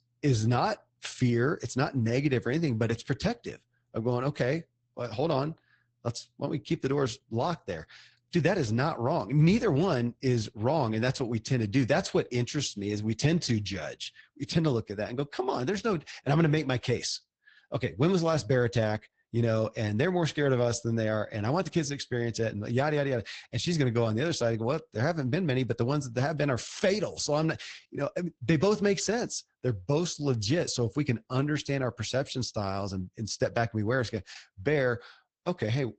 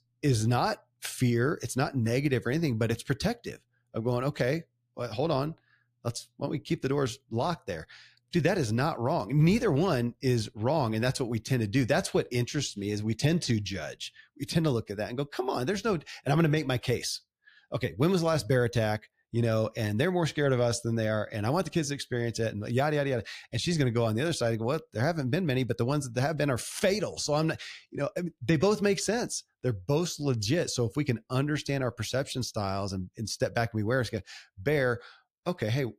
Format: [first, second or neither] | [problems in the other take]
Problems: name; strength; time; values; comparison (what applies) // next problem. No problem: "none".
second | garbled, watery; badly; nothing above 7.5 kHz